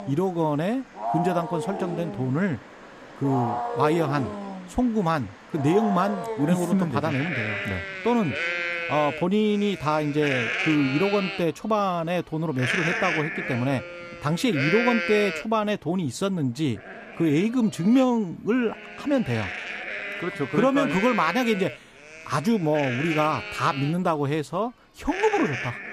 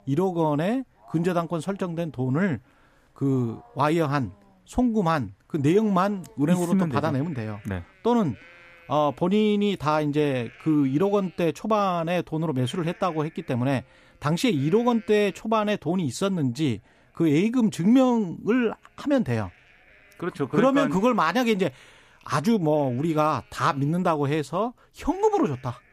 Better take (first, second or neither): second